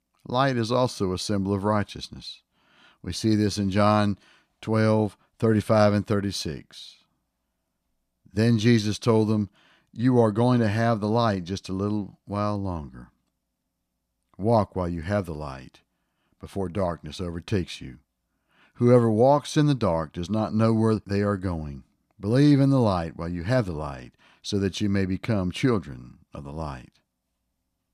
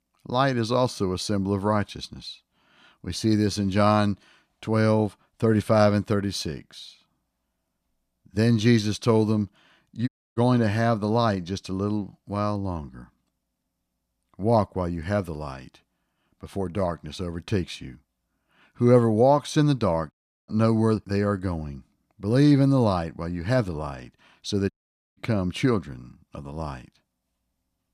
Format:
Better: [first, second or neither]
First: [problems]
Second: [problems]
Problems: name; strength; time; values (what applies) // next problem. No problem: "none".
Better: first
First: none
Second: audio cutting out; at 10 s, at 20 s and at 25 s